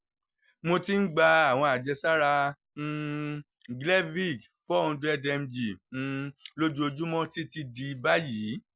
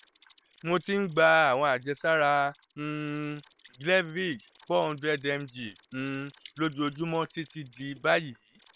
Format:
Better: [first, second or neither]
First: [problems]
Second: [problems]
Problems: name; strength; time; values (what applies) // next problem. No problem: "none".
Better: first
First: none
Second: noise reduction (neural separator model SepFormer WHAM!)